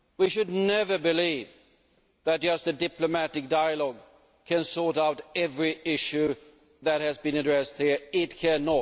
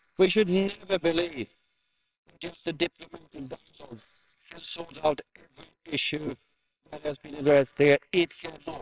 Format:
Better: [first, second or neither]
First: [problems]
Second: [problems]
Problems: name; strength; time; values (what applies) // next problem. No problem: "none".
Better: first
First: none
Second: noise reduction (neural separator model SepFormer WHAMR!)